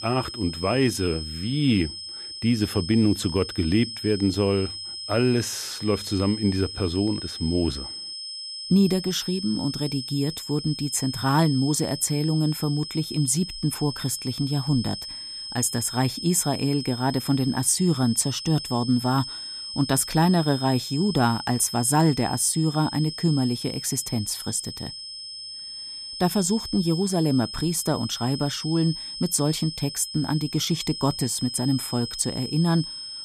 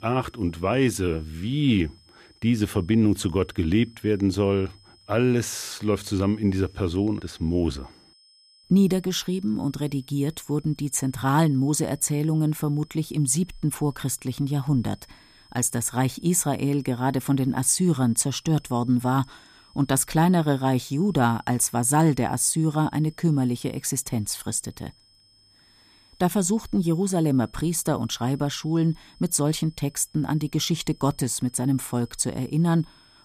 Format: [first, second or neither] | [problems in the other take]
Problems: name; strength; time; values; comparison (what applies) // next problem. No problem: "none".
second | high-pitched whine; loud; throughout; 5 kHz, 9 dB below the speech; faint in the second